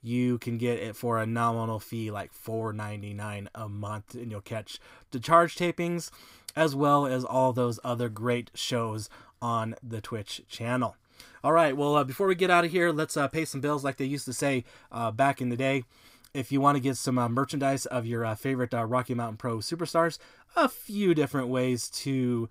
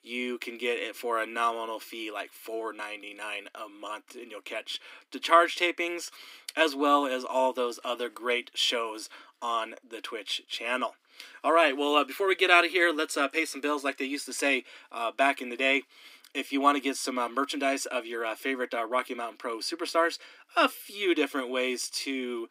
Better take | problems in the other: first | thin; very slightly; fading below 300 Hz

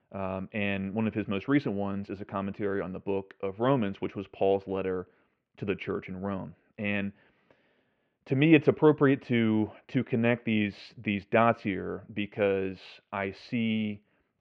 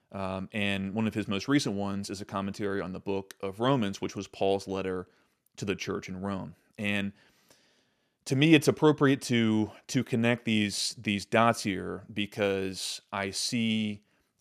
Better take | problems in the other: second | muffled; very; fading above 2.5 kHz

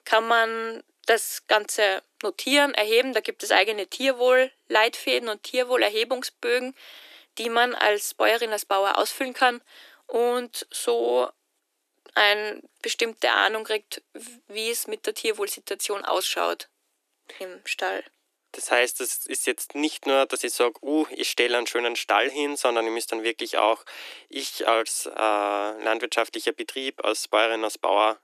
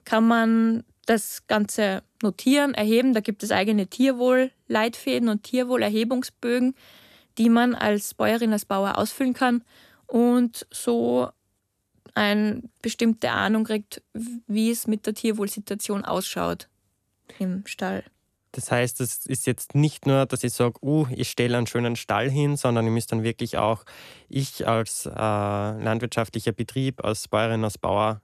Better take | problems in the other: second | thin; very; fading below 300 Hz

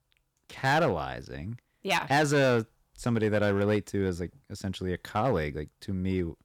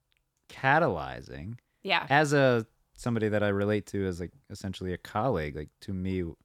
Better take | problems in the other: second | distortion; slight; 4% of the sound clipped

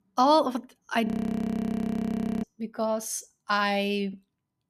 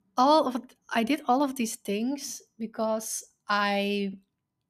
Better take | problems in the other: second | audio freezing; at 1 s for 1.5 s

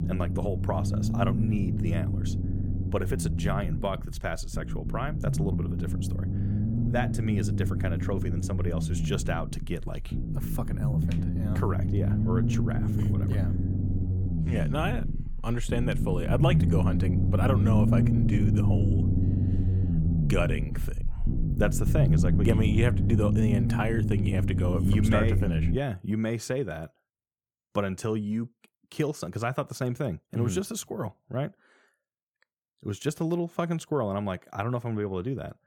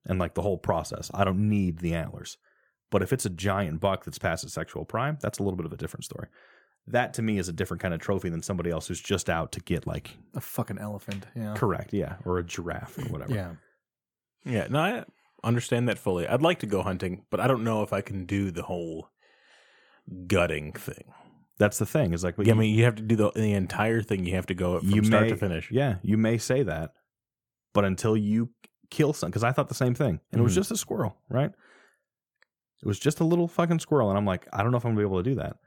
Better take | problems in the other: second | low rumble; loud; until 26 s; 4 dB below the speech

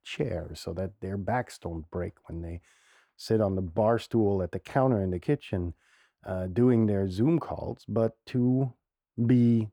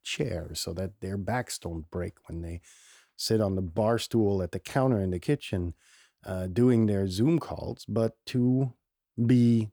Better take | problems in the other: second | muffled; slightly; fading above 3 kHz

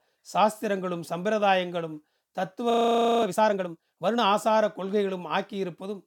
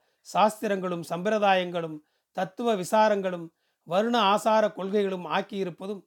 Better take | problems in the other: second | audio freezing; at 2.5 s for 0.5 s

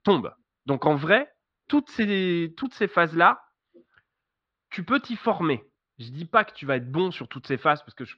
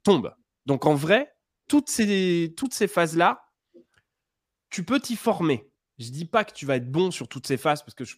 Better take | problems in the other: second | muffled; very; fading above 4 kHz

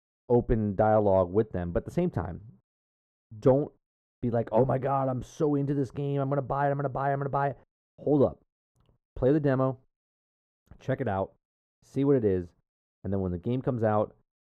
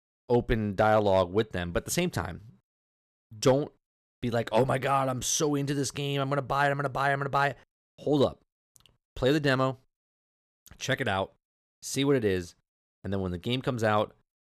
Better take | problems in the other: second | muffled; very; fading above 2 kHz

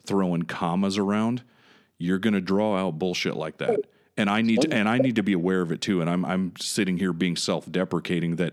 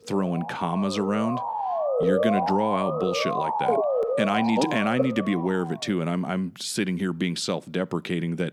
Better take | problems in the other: first | siren; loud; until 5.5 s; peak 3 dB above the speech

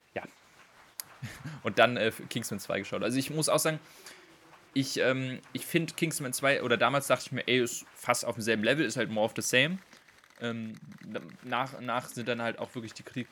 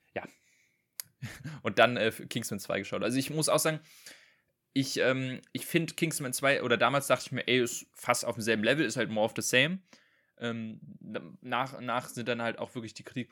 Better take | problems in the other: second | crowd noise; faint; throughout; 25 dB below the speech

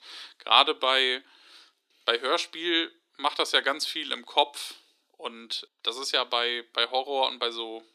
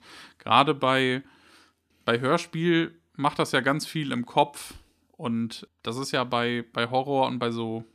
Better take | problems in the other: second | thin; very; fading below 350 Hz

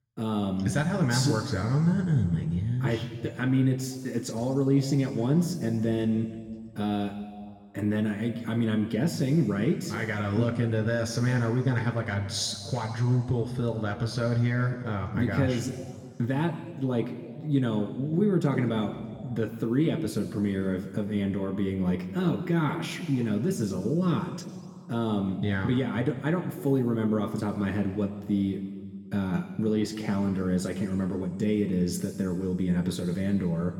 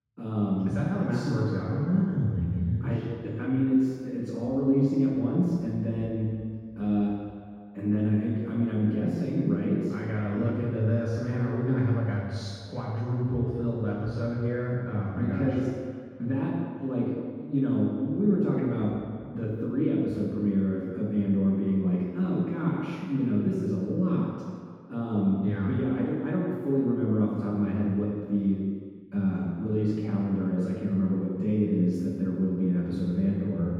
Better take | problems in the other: first | room echo; strong; dies away in 1.8 s; slight in the first // off-mic speech; far

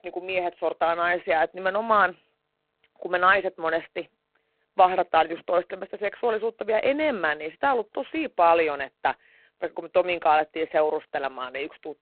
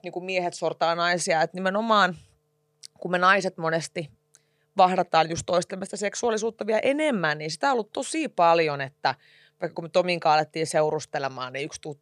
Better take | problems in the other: second | phone-call audio; poor line; nothing above 4 kHz

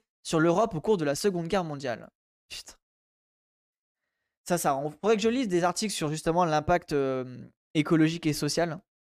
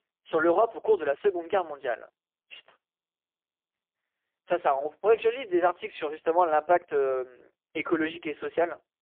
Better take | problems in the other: first | phone-call audio; poor line; nothing above 3.5 kHz

